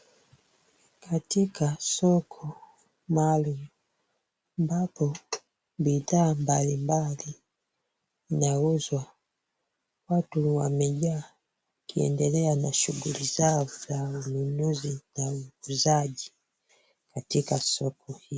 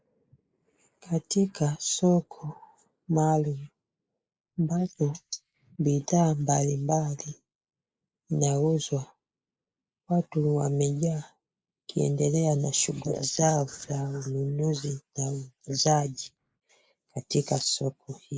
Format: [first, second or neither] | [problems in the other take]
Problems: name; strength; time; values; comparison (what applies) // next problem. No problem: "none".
first | noise reduction (neural mask model Resemble Enhance denoiser)